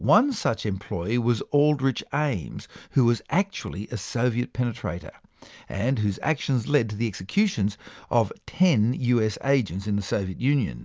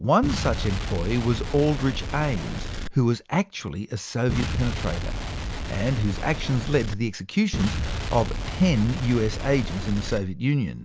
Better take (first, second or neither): first